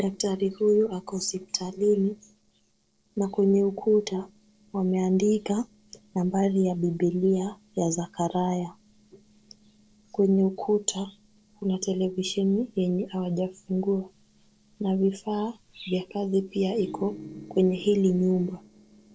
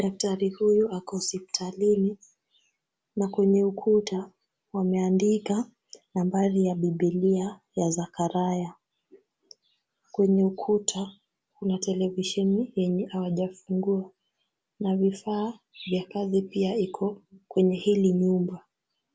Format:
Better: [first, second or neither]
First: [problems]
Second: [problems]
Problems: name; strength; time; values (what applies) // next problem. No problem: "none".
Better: second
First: noise reduction (neural separator model SepFormer DNS4)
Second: none